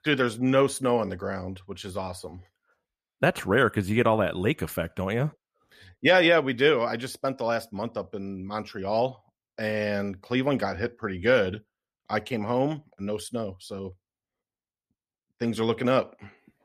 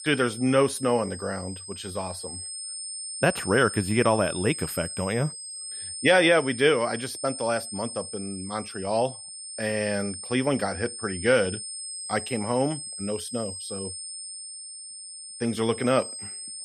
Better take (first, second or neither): first